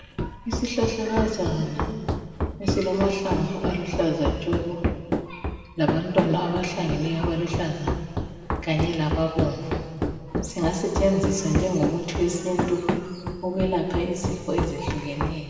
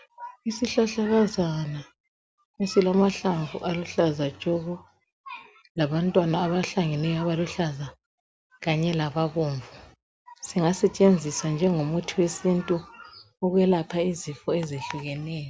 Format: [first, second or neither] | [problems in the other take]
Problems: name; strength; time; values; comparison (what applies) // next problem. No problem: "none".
second | background sound (Run); 3 dB below the speech // room echo; dies away in 2.3 s